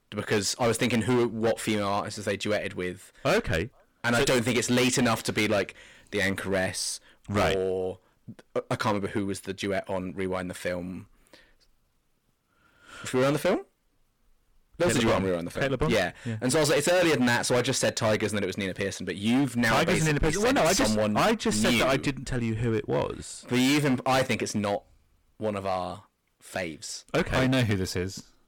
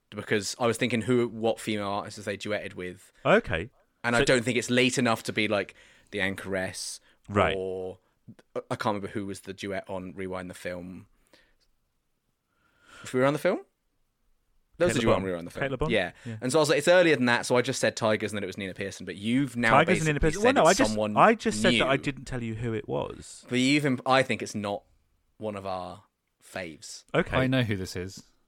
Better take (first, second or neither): second